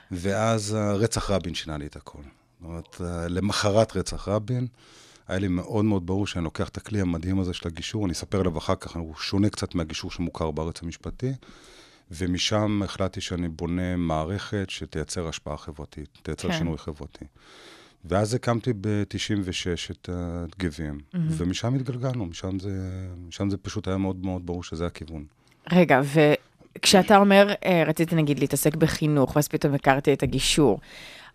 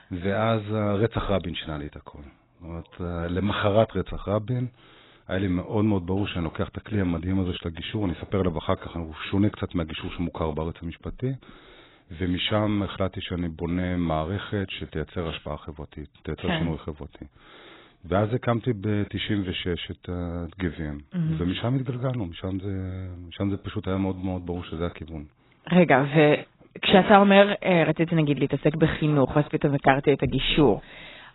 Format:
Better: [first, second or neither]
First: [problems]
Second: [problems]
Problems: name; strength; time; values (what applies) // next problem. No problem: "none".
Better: first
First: none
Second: garbled, watery; badly; nothing above 4 kHz